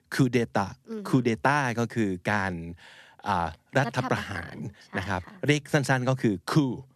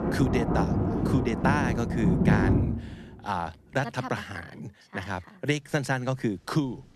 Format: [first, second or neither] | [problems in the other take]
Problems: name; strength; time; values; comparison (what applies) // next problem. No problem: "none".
first | rain or running water; very loud; throughout; 4 dB above the speech